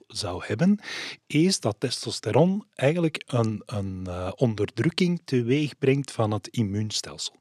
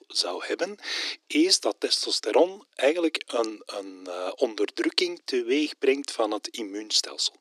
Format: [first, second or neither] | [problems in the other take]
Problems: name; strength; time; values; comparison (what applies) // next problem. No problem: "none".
first | thin; somewhat; fading below 300 Hz